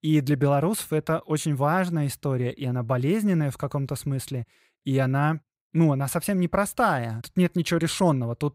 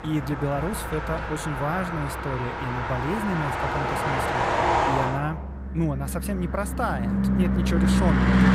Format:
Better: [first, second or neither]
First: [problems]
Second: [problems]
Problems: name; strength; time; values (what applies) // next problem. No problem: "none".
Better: first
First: none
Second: traffic noise; very loud; throughout; 3 dB above the speech